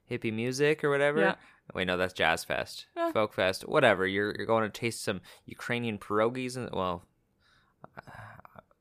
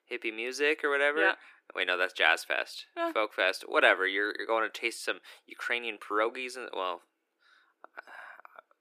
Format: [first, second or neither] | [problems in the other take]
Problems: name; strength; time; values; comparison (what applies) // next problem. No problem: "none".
first | thin; very; fading below 300 Hz